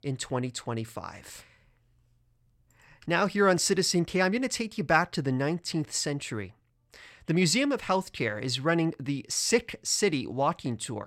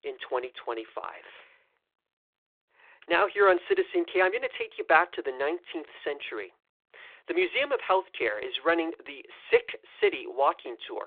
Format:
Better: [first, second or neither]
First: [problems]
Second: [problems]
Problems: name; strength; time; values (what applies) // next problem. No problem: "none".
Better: first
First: none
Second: phone-call audio